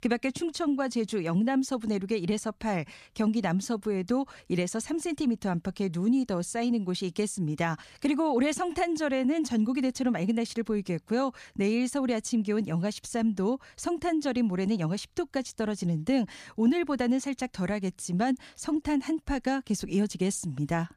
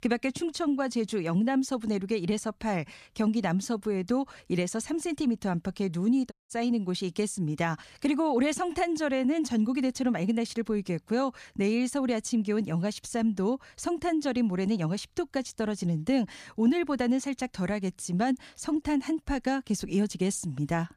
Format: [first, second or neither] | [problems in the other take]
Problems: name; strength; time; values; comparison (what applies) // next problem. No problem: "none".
first | audio cutting out; at 6.5 s